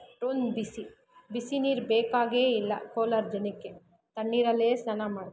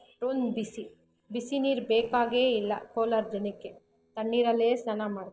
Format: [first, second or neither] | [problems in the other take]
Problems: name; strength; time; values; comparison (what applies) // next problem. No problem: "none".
first | noise reduction (neural separator model SepFormer DNS4)